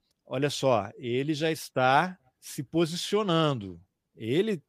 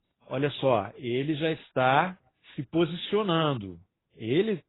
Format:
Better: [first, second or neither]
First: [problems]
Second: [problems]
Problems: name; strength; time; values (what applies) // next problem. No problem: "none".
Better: first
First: none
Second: garbled, watery; badly; nothing above 4 kHz